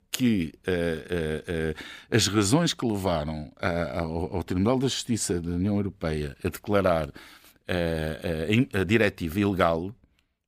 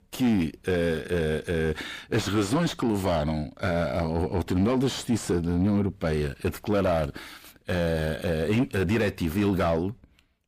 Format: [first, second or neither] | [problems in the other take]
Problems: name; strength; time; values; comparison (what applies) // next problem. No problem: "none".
first | distortion; heavy; 6 dB below the speech